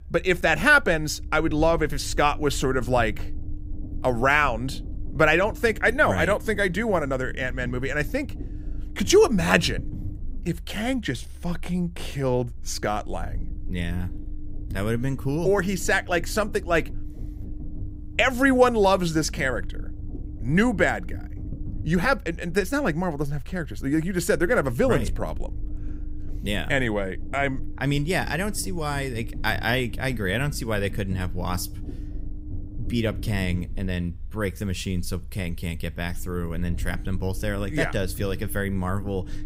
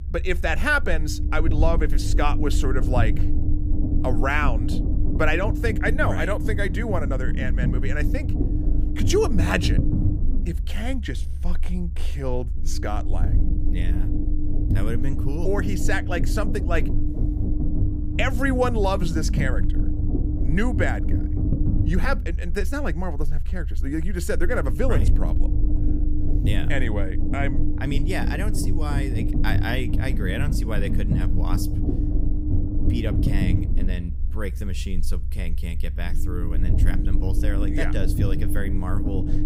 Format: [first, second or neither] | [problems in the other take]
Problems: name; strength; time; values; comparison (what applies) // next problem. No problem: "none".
first | low rumble; loud; throughout; 7 dB below the speech; faint in the first